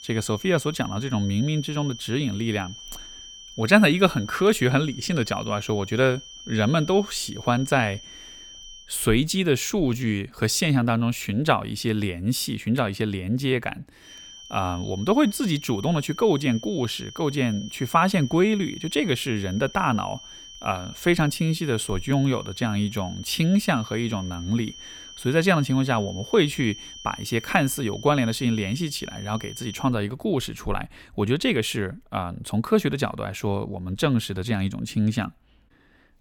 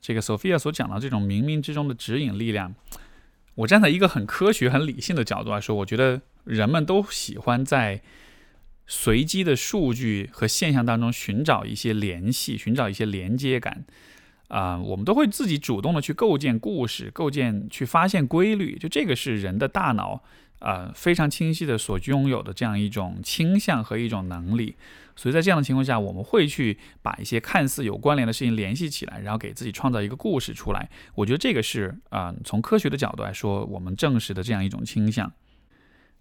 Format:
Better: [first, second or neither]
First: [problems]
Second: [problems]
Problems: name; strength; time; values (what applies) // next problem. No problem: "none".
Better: second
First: high-pitched whine; noticeable; until 9 s and from 14 to 30 s; 3 kHz, 15 dB below the speech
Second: none